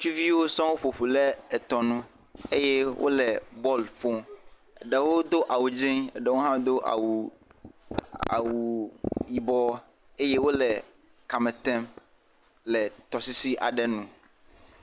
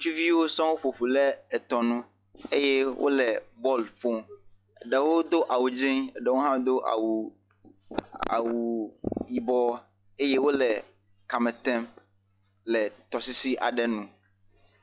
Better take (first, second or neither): first